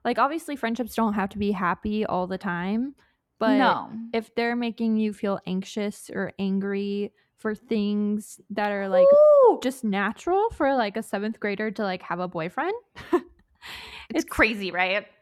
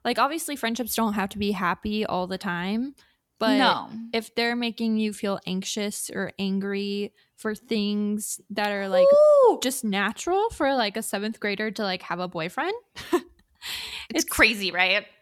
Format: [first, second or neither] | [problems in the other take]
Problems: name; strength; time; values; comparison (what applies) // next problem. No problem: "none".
second | muffled; slightly; fading above 2.5 kHz